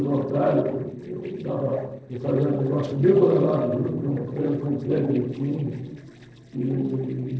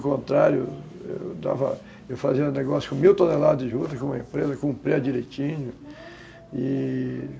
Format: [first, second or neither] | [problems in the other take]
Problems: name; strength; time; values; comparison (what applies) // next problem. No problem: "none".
second | noise reduction (neural separator model SepFormer DNS4)